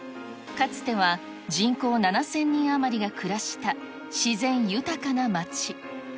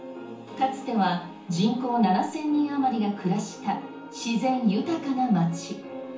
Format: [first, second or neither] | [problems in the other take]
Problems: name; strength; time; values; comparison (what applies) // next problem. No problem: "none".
first | room echo; dies away in 0.7 s